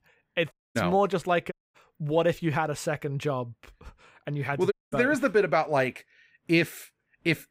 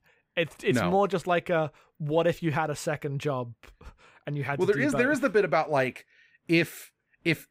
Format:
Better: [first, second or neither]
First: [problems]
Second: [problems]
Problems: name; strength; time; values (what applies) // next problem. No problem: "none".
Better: second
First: audio cutting out; at 0.5 s, at 1.5 s and at 4.5 s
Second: none